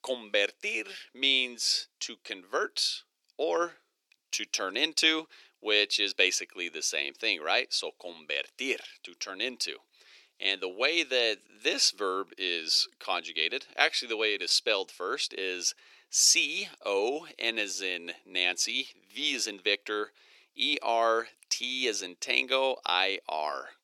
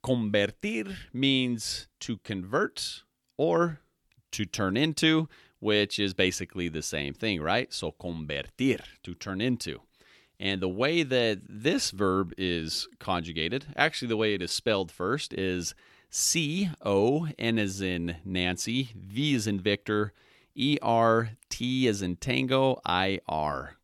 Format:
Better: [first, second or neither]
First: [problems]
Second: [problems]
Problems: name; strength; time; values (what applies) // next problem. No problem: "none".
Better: second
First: thin; very; fading below 400 Hz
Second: none